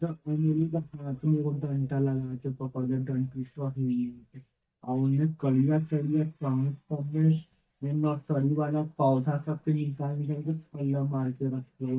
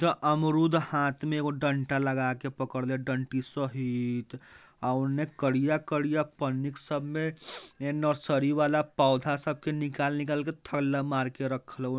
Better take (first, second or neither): second